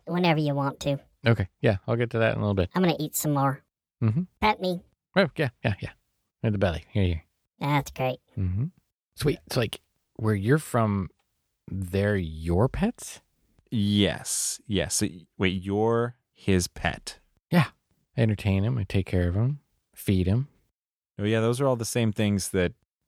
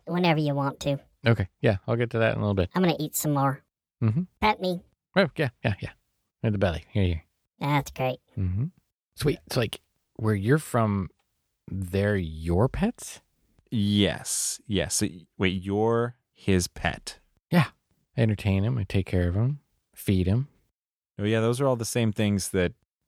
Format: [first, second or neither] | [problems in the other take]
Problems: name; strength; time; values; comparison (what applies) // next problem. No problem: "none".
neither | none